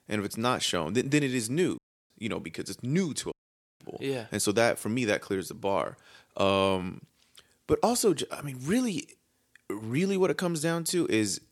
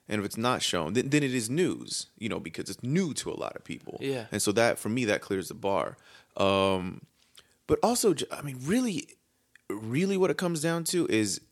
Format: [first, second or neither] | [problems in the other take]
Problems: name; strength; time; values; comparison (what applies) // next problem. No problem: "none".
second | audio cutting out; at 2 s and at 3.5 s